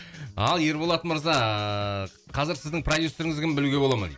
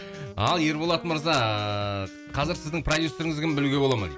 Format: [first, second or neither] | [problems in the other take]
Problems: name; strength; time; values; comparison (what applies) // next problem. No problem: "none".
first | background sound (Bowed string instrument + Wind instrument, woodwind instrument); 15 dB below the speech